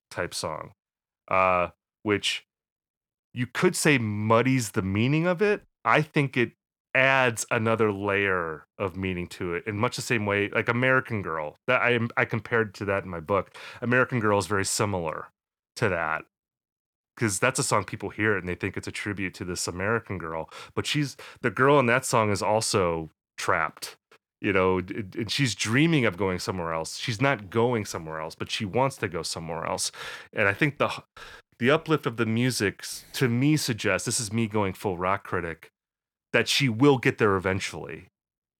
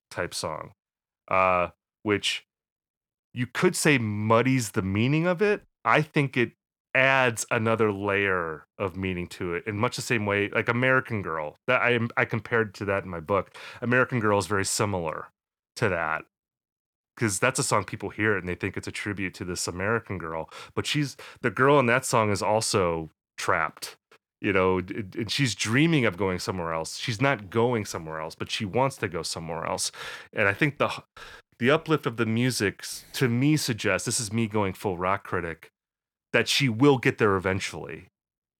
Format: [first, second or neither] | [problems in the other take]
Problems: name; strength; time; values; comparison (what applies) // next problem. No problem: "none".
neither | none